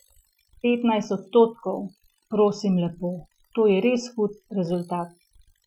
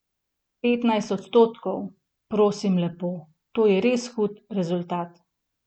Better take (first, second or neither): second